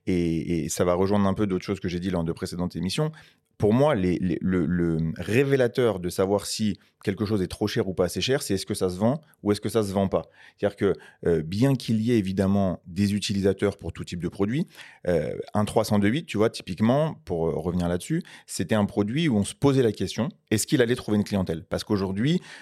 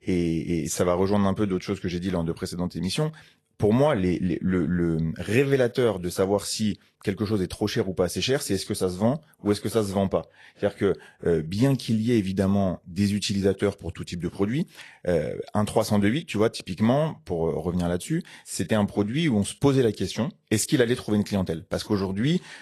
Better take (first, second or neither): first